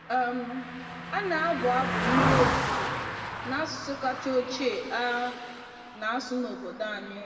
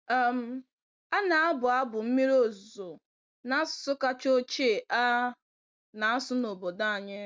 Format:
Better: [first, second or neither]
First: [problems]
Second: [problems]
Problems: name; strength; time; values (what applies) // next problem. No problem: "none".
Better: second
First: background sound (Car passing by); 2 dB below the speech // room echo; dies away in 1.7 s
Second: none